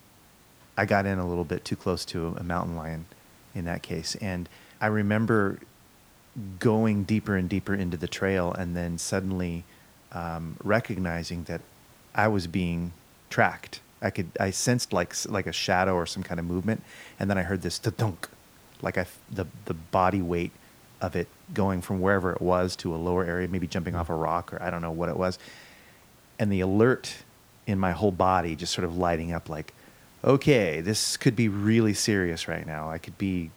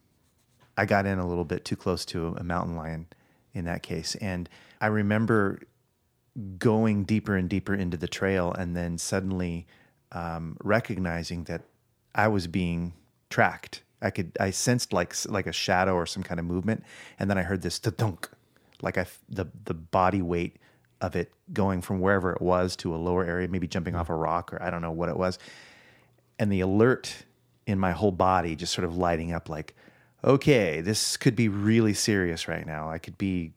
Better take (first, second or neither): second